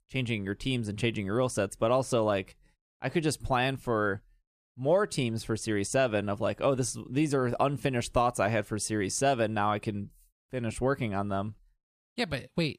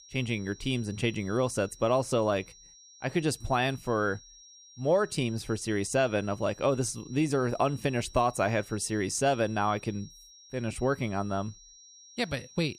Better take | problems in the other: first | high-pitched whine; faint; throughout; 5.5 kHz, 20 dB below the speech

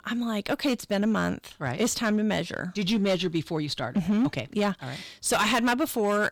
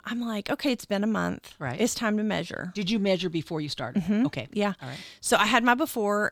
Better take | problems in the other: second | distortion; slight; 7% of the sound clipped

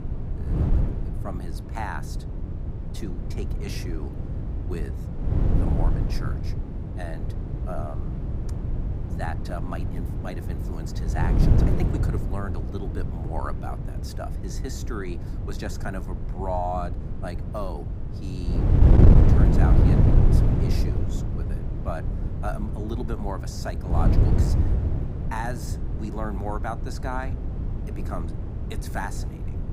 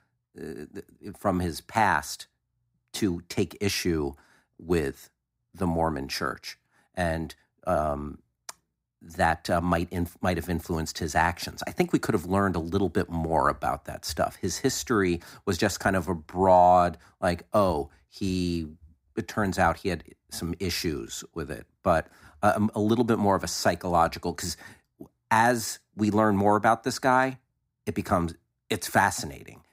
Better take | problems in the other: second | wind noise on the microphone; heavy; 1 dB below the speech

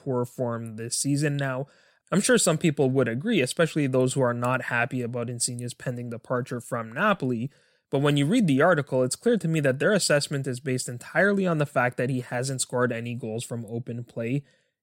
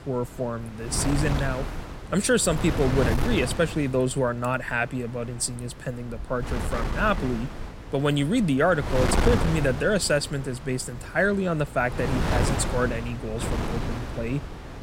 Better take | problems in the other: first | wind noise on the microphone; heavy; 7 dB below the speech

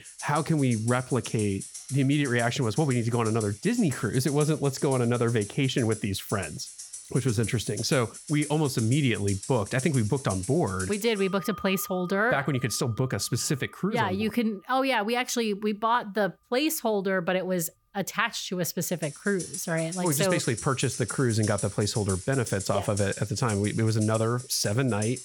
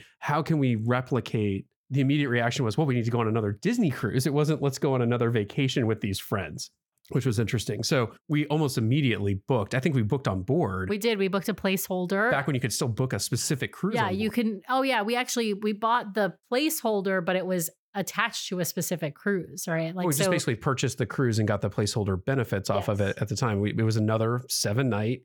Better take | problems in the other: second | background music; noticeable; throughout; 10 dB below the speech

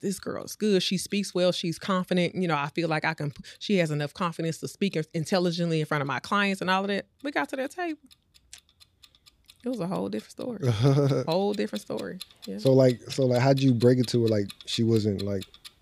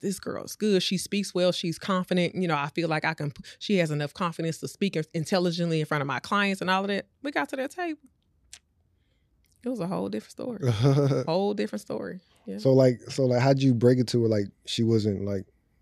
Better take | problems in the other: second | household noises; noticeable; throughout; 20 dB below the speech

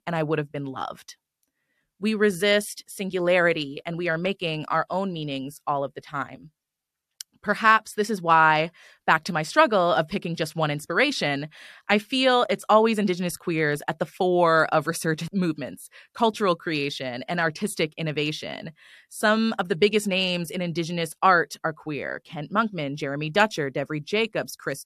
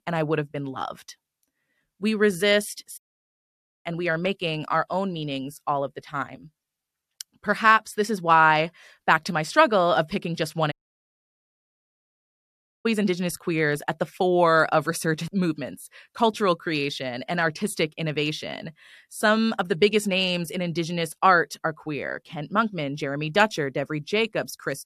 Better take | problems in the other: first | audio cutting out; at 3 s for 1 s and at 11 s for 2 s

